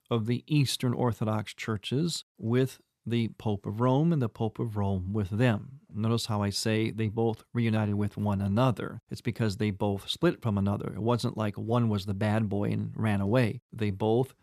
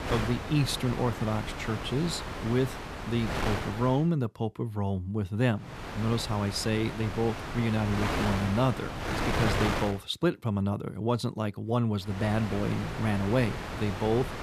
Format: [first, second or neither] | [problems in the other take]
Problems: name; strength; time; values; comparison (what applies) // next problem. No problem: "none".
first | wind noise on the microphone; heavy; until 4 s, from 5.5 to 10 s and from 12 s on; 2 dB below the speech